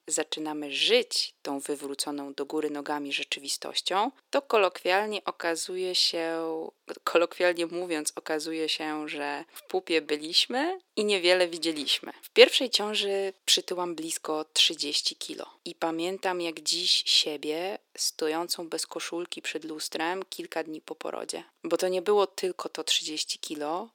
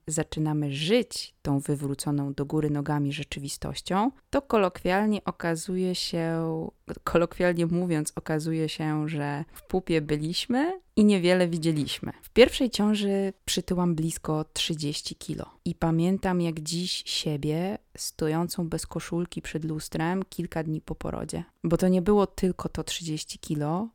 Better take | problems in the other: second | thin; very; fading below 350 Hz

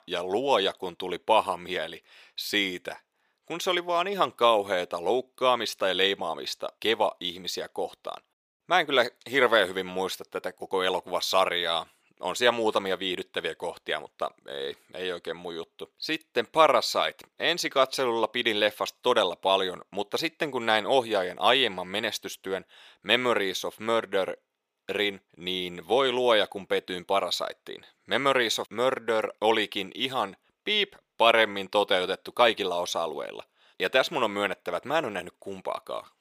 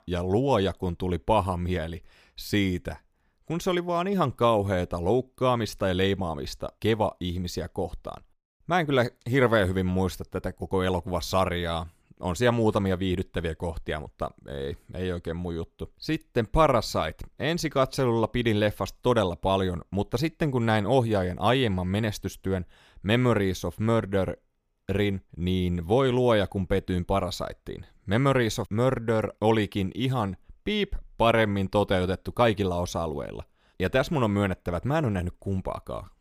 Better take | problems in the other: second | thin; somewhat; fading below 450 Hz

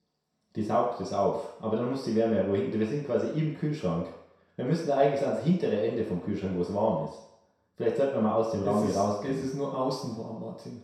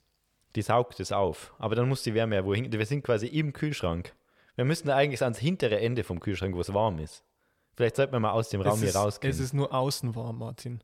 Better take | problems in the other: second | room echo; noticeable; dies away in 0.7 s // off-mic speech; far

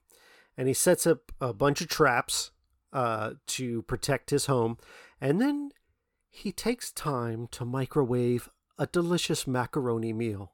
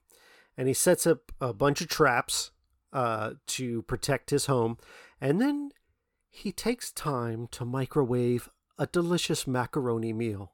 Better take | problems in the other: neither | none

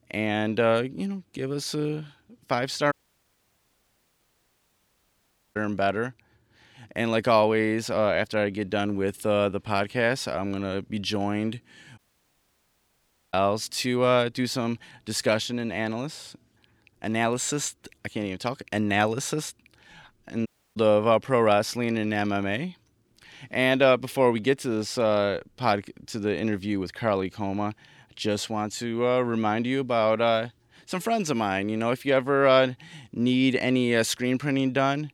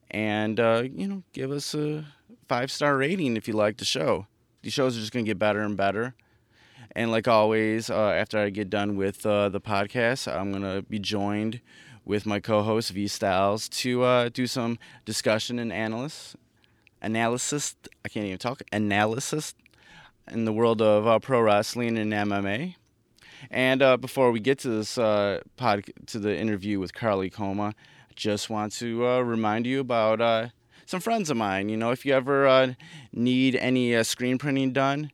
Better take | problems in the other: second | audio cutting out; at 3 s for 2.5 s, at 12 s for 1.5 s and at 20 s

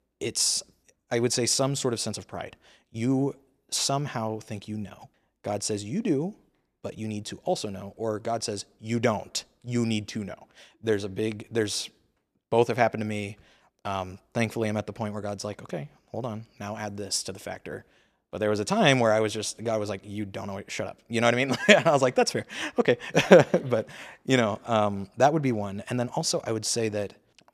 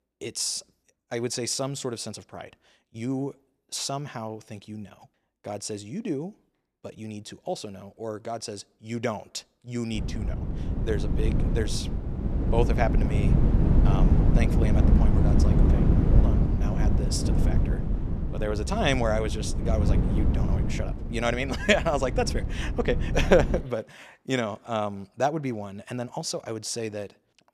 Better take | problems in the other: first | wind noise on the microphone; heavy; from 10 to 24 s; 5 dB below the speech

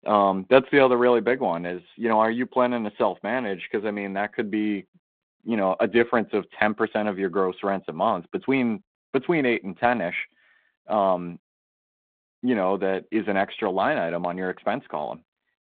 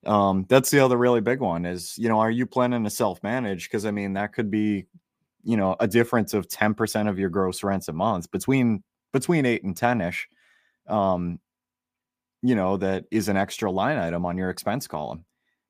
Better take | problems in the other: second | phone-call audio; nothing above 3.5 kHz

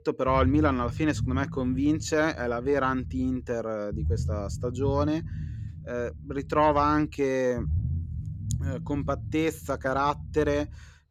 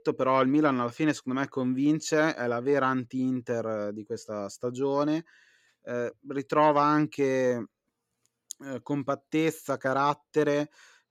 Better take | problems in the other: second | low rumble; faint; throughout; 20 dB below the speech

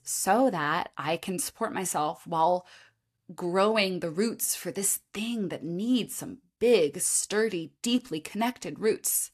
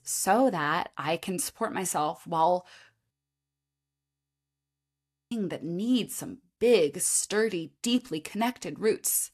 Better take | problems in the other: first | audio freezing; at 3 s for 2 s

